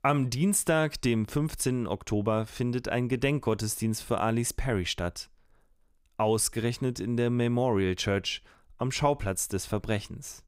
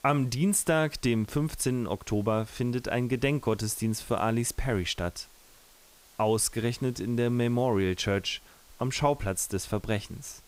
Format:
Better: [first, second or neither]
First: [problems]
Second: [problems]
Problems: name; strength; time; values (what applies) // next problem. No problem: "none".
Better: first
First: none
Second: hiss; faint; throughout; 25 dB below the speech